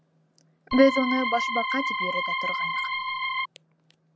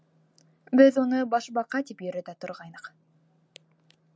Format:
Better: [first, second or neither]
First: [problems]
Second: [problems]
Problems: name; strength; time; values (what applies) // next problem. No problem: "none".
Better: second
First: background sound (Organ); as loud as the speech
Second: none